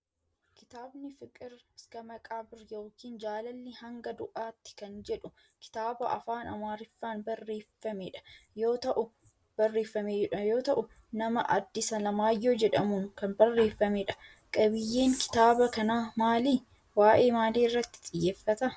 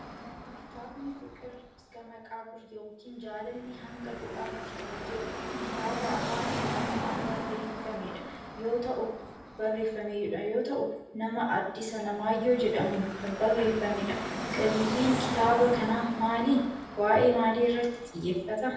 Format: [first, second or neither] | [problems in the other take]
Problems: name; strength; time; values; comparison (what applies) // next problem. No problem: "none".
first | background sound (Car passing by / Traffic noise, roadway noise); 7 dB below the speech // room echo; dies away in 0.9 s